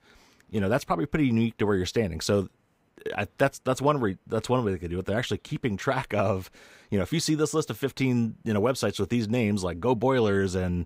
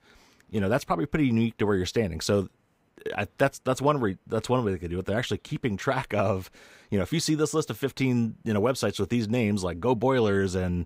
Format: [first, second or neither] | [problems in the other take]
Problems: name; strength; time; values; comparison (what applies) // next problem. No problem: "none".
neither | none